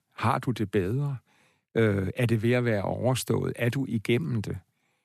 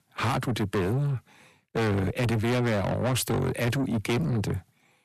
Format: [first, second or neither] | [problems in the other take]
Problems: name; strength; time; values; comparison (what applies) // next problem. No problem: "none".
first | distortion; heavy; 6 dB below the speech